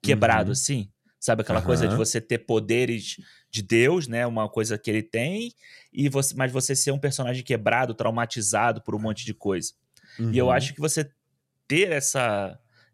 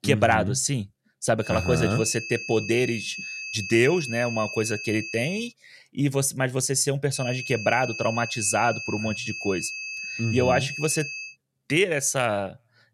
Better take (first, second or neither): first